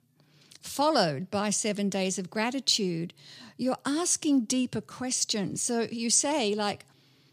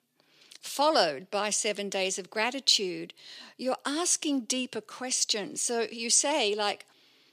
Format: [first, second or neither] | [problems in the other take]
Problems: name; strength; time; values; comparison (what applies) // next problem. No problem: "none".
first | thin; somewhat; fading below 400 Hz